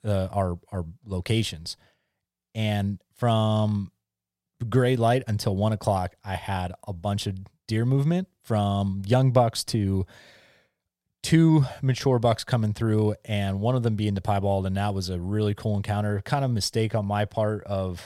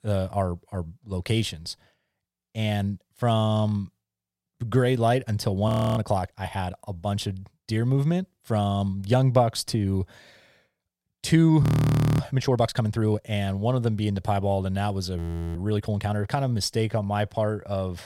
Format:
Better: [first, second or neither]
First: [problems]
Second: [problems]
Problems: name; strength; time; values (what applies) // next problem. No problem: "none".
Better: first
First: none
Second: audio freezing; at 5.5 s, at 12 s for 0.5 s and at 15 s